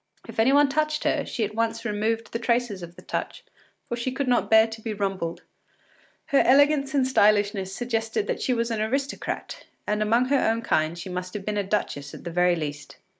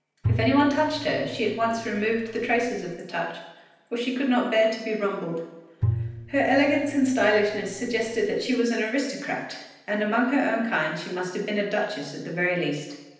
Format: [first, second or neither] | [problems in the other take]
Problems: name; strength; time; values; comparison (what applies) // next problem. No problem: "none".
first | background sound (Bowed string instrument); 8 dB below the speech // room echo; dies away in 0.9 s